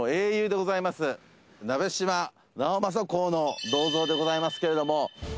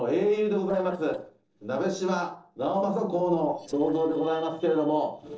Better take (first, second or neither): first